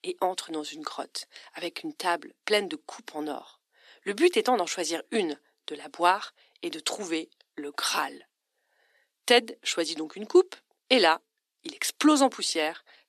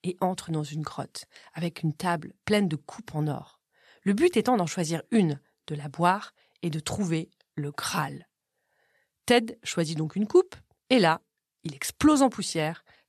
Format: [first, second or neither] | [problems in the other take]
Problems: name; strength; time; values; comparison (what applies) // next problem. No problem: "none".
second | thin; somewhat; fading below 300 Hz